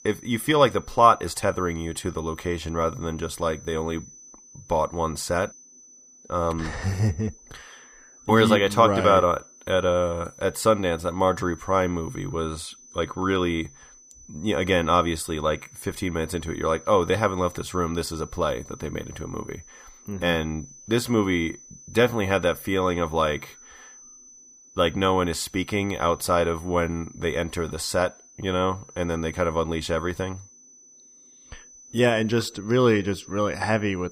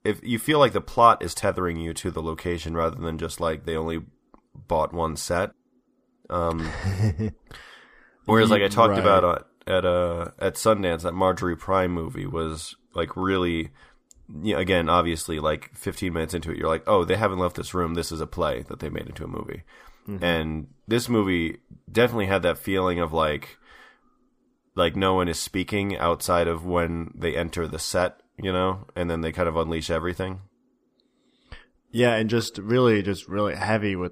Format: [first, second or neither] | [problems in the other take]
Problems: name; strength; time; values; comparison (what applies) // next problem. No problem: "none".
second | high-pitched whine; faint; throughout; 6 kHz, 20 dB below the speech